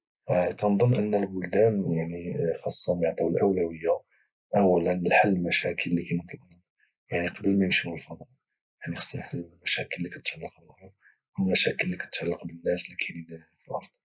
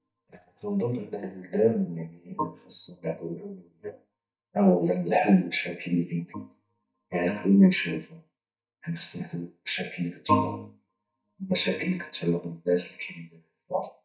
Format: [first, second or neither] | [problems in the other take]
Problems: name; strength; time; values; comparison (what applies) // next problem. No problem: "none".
first | noise reduction (neural mask model DeepFilterNet 3)